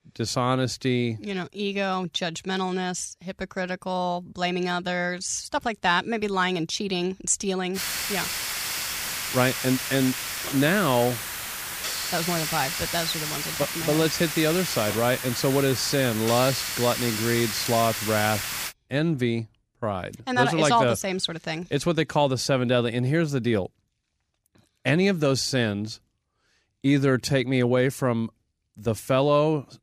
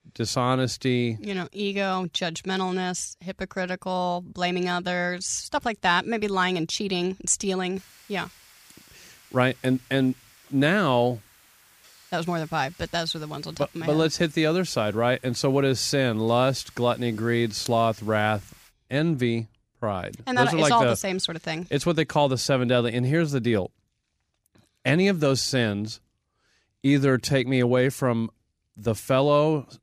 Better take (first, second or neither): second